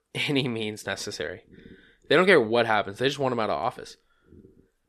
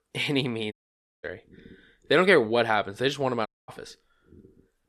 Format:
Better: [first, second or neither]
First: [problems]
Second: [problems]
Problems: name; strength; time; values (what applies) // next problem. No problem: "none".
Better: first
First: none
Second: audio cutting out; at 0.5 s for 0.5 s and at 3.5 s